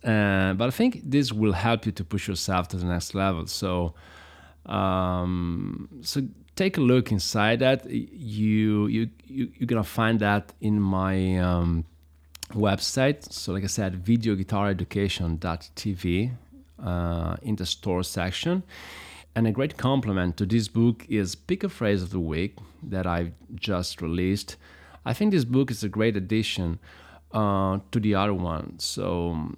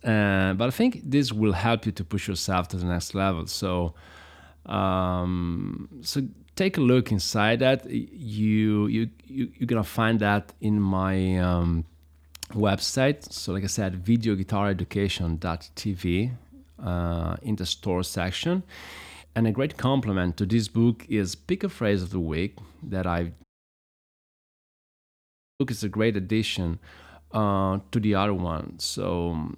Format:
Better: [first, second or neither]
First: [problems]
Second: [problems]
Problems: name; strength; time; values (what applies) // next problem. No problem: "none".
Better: first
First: none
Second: audio cutting out; at 23 s for 2 s